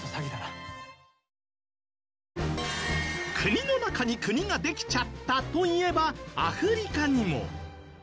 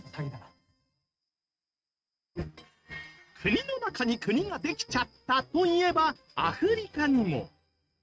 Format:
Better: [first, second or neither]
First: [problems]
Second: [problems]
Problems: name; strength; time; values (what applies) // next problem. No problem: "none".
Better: first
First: none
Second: noise reduction (neural mask model RNNoise)